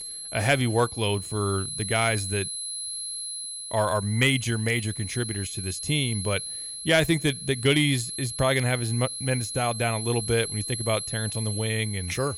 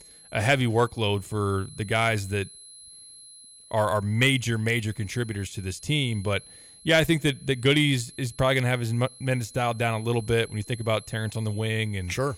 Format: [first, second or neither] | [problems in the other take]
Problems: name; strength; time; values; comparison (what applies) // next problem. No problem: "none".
second | high-pitched whine; loud; throughout; 11 kHz, 6 dB below the speech; faint in the second